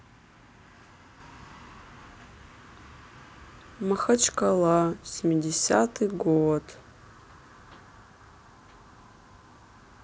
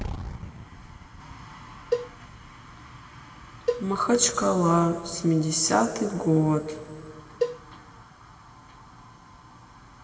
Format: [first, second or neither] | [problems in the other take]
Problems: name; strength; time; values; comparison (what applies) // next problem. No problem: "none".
first | background sound (Cowbell); 6 dB below the speech // room echo; dies away in 2.2 s